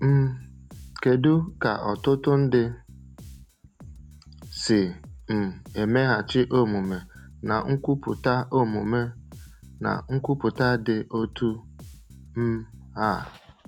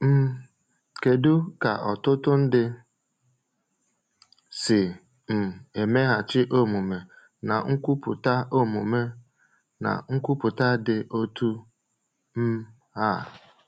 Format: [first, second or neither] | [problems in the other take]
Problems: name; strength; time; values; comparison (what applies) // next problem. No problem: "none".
second | background sound (Bass guitar); 20 dB below the speech